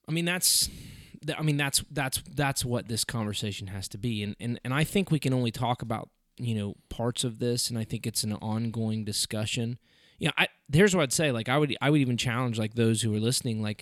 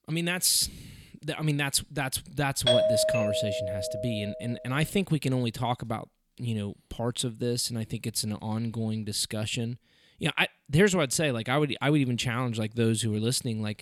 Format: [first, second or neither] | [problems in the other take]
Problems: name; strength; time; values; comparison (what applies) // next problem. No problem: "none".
first | doorbell; loud; from 2.5 to 4 s; peak 6 dB above the speech